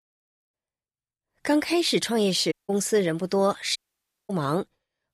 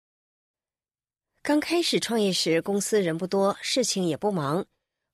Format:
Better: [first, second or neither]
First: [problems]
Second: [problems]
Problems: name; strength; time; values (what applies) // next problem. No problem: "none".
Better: second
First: audio cutting out; at 2.5 s and at 4 s for 0.5 s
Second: none